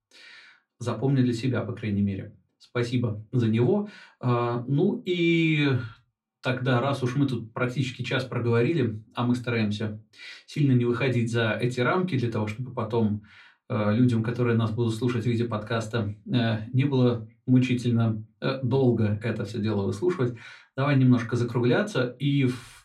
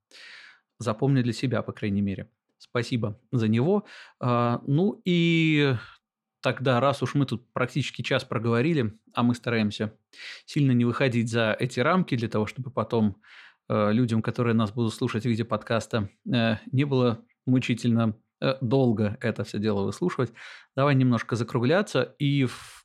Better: second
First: off-mic speech; far // room echo; very slight; dies away in 0.2 s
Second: none

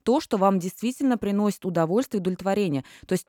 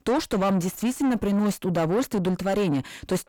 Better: first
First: none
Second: distortion; heavy; 6 dB below the speech

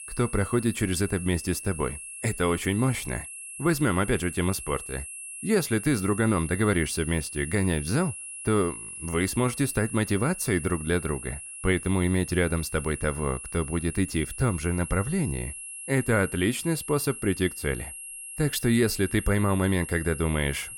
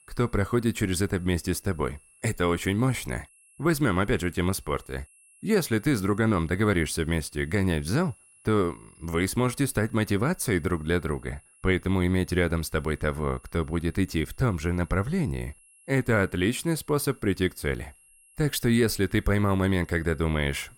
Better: second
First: high-pitched whine; loud; throughout; 11 kHz, 10 dB below the speech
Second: high-pitched whine; faint; throughout; 11 kHz, 30 dB below the speech

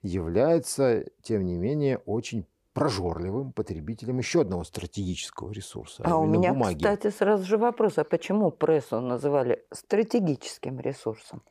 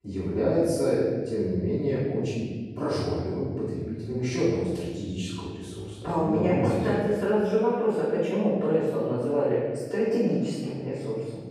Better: first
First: none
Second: room echo; strong; dies away in 1.4 s // off-mic speech; far

